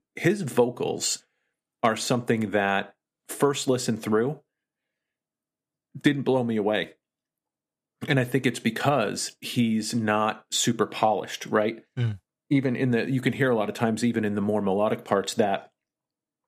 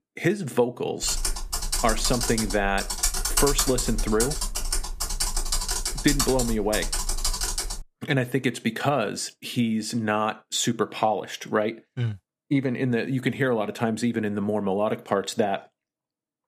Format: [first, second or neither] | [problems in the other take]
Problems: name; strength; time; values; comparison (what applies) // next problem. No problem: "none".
first | keyboard typing; loud; from 1 to 8 s; peak 4 dB above the speech